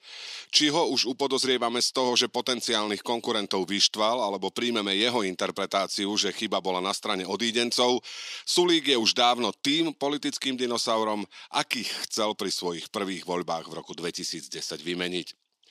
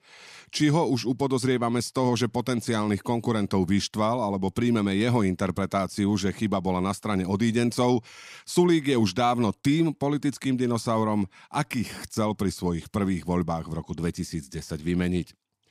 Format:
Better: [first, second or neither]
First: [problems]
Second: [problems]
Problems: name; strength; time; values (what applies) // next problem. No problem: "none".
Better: second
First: thin; somewhat; fading below 400 Hz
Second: none